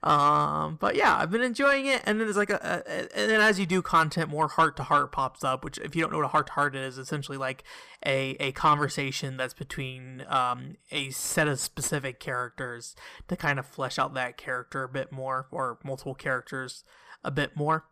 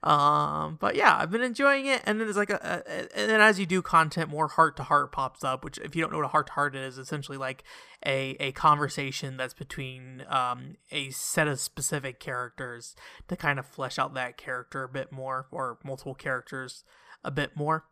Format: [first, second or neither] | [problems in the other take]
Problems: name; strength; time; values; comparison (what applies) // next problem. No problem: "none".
second | distortion; slight; 10 dB below the speech